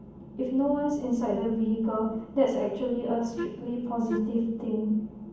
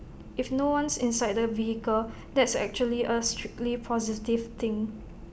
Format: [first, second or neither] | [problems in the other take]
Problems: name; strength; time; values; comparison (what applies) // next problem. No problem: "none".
second | background sound (Wind instrument, woodwind instrument); 9 dB below the speech // room echo; dies away in 1.2 s